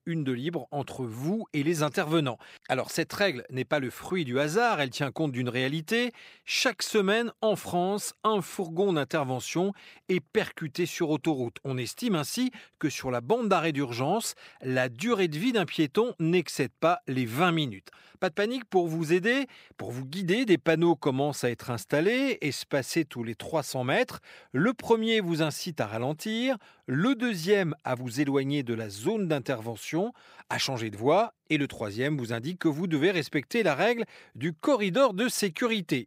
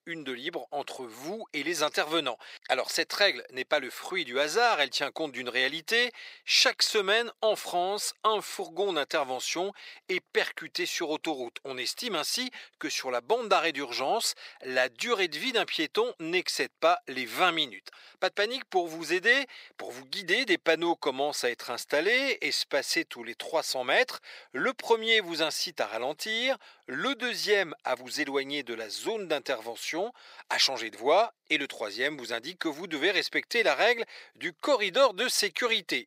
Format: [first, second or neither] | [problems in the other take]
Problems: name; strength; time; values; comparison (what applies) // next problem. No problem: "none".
first | thin; somewhat; fading below 550 Hz